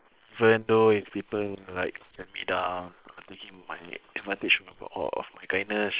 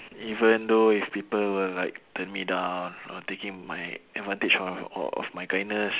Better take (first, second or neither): second